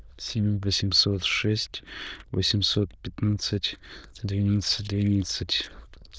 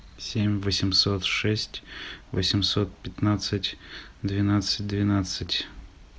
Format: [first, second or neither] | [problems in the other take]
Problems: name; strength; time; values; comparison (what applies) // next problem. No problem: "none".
second | noise reduction (neural diffusion model UNIVERSE++)